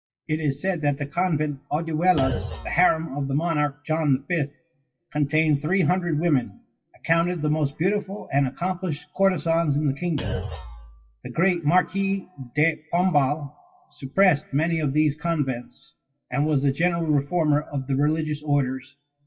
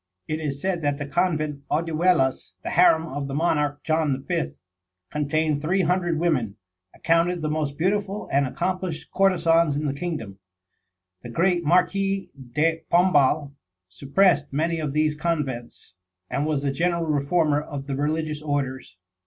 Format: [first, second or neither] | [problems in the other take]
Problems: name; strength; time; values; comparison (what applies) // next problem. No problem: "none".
second | noise reduction (classical method WPE with log-MMSE)